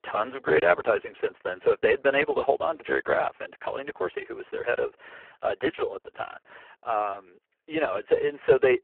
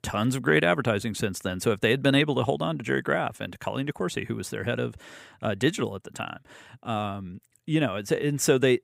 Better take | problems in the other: second | phone-call audio; poor line

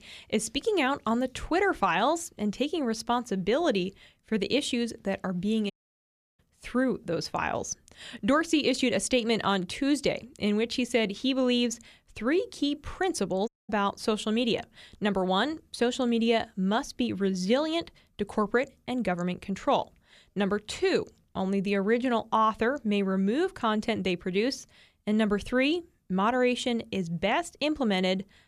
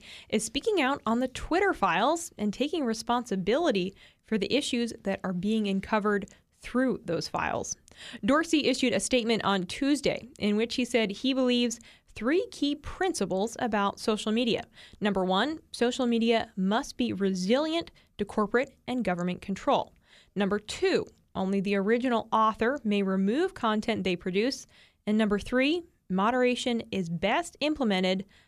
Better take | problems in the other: second | audio cutting out; at 5.5 s for 0.5 s and at 13 s

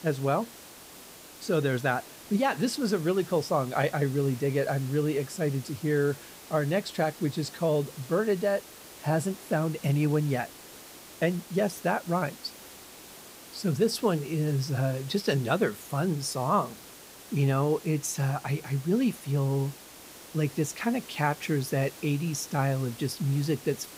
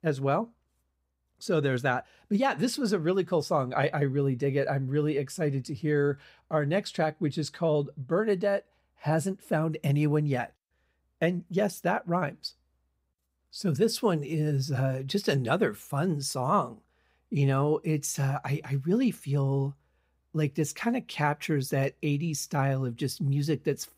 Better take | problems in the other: second | hiss; noticeable; throughout; 15 dB below the speech

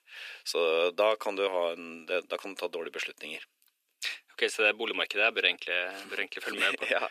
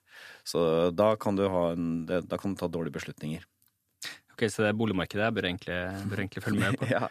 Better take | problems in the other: second | thin; very; fading below 400 Hz

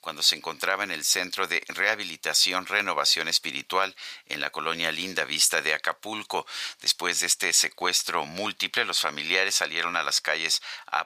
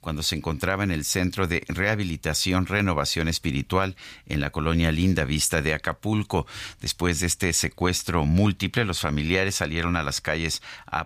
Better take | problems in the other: second | thin; very; fading below 650 Hz

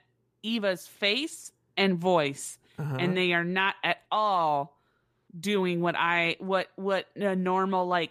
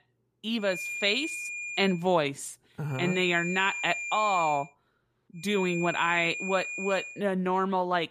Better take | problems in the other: first | high-pitched whine; loud; from 0.5 to 2 s, from 3 to 4.5 s and from 5.5 to 7 s; 2.5 kHz, 6 dB below the speech

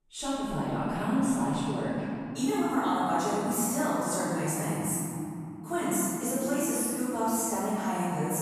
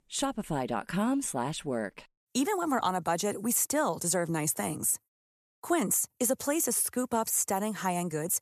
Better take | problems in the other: second | off-mic speech; far // room echo; strong; dies away in 3 s

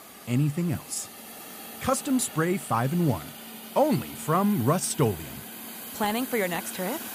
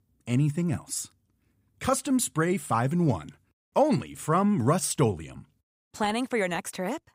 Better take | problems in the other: second | hiss; noticeable; throughout; 10 dB below the speech

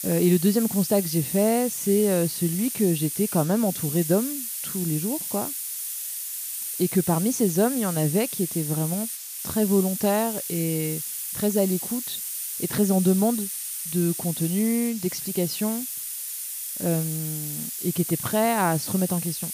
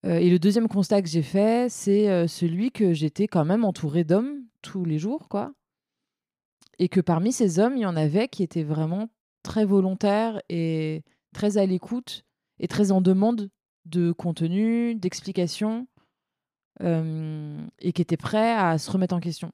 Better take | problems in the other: second | hiss; loud; throughout; 4 dB below the speech

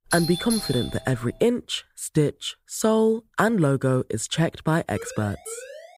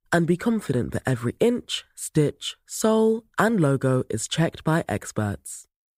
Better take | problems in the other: second | doorbell; noticeable; until 1.5 s; peak 5 dB below the speech // siren; faint; from 5 s on; peak 15 dB below the speech

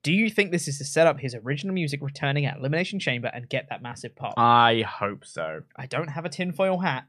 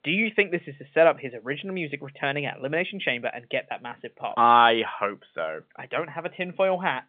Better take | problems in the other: first | phone-call audio; nothing above 3.5 kHz

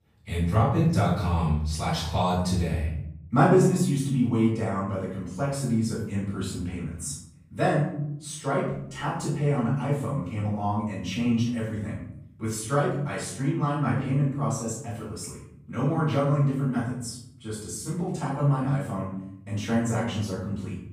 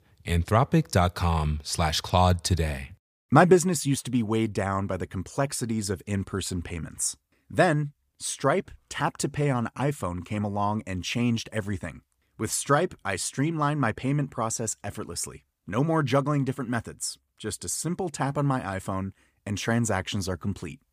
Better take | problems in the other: second | off-mic speech; far // room echo; noticeable; dies away in 0.9 s

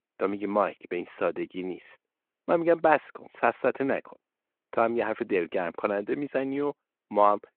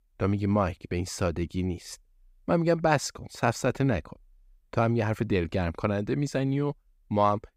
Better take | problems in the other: second | phone-call audio; nothing above 4 kHz

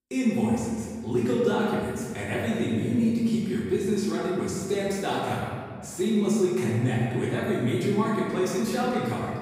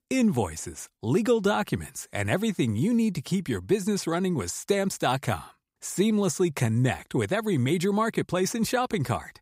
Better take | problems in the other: second | room echo; strong; dies away in 1.8 s // off-mic speech; far

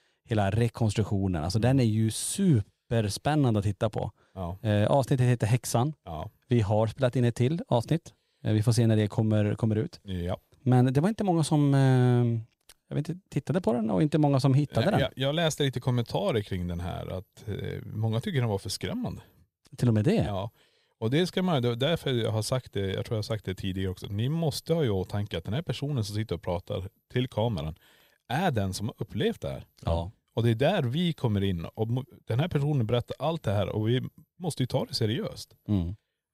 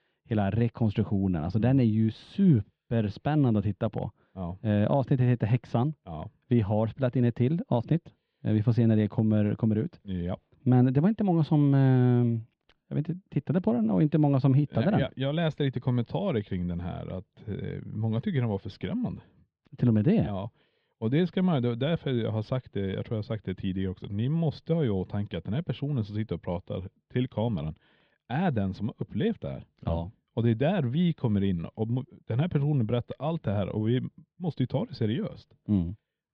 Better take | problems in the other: first | muffled; slightly; fading above 3.5 kHz

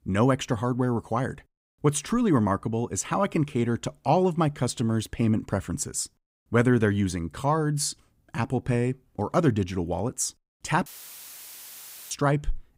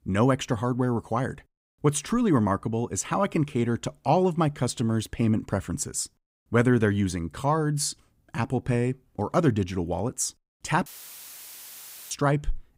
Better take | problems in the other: neither | audio cutting out; filled with static; at 11 s for 1.5 s; the same in both

